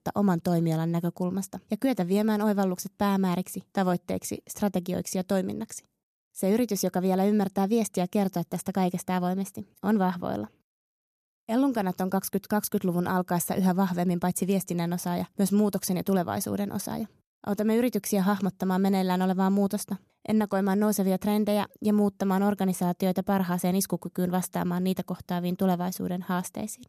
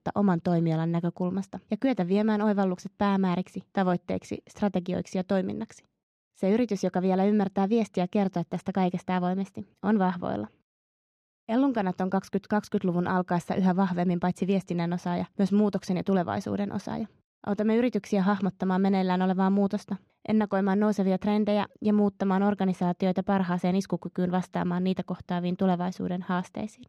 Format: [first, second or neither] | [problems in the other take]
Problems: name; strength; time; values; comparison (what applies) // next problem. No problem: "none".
first | muffled; slightly; fading above 3 kHz